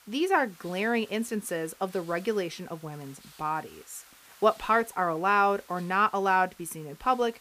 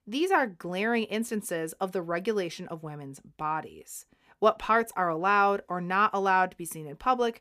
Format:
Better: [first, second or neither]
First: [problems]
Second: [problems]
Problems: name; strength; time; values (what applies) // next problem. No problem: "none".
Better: second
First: hiss; faint; throughout; 25 dB below the speech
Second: none